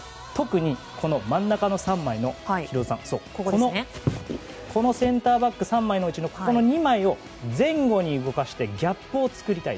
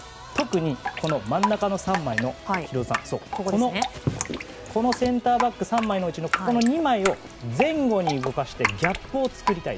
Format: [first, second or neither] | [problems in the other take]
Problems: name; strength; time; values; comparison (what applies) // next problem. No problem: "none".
first | background sound (Drip); 7 dB below the speech